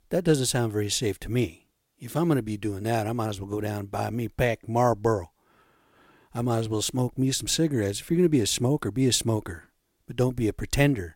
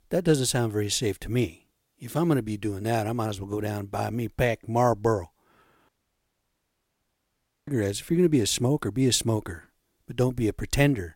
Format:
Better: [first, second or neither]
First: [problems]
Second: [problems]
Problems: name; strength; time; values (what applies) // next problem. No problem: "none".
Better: first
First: none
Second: audio cutting out; at 6 s for 2 s